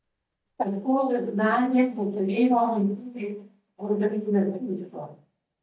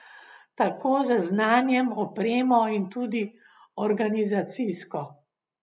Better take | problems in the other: second | noise reduction (neural mask model DeepFilterNet 3)

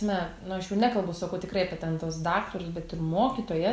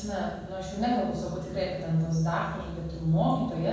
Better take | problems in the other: first | room echo; dies away in 1.2 s

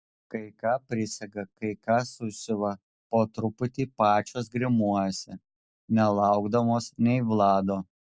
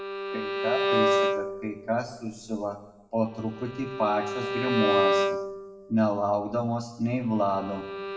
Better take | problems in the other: first | background sound (Bowed string instrument); as loud as the speech // room echo; dies away in 0.8 s

